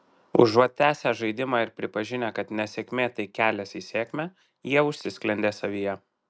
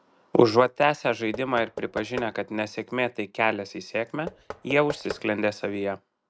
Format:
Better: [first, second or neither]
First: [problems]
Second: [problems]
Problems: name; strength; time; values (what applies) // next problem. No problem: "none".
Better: first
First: none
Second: background sound (Knock / Wood); 15 dB below the speech